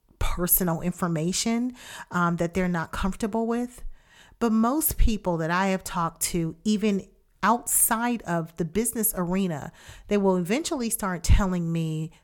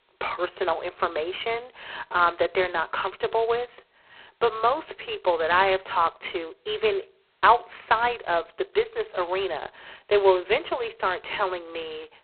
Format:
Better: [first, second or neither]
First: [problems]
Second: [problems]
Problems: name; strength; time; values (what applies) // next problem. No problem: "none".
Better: first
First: none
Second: phone-call audio; poor line; nothing above 4 kHz